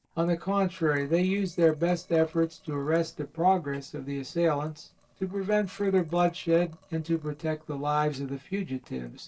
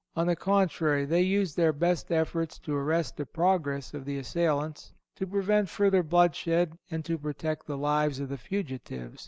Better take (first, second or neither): second